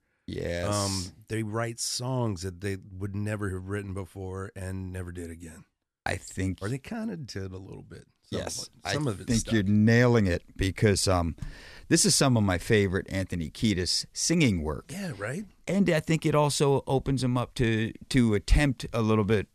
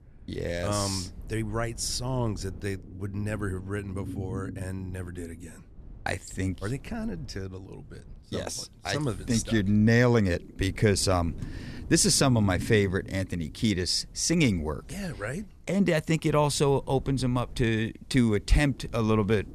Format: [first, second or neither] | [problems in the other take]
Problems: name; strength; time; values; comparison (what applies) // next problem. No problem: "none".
first | low rumble; faint; throughout; 20 dB below the speech